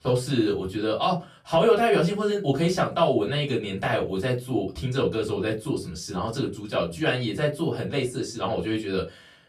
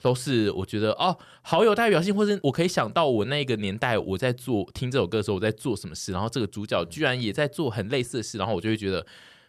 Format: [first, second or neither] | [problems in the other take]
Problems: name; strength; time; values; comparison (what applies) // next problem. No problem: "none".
second | off-mic speech; far // room echo; very slight; dies away in 0.2 s